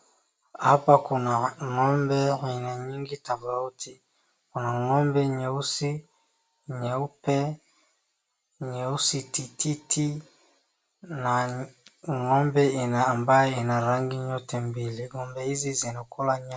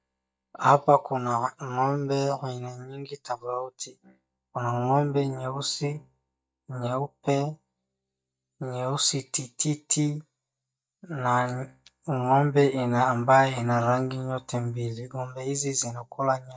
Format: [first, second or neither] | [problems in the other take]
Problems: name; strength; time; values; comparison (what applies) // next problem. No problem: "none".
first | noise reduction (neural mask model DeepFilterNet 3)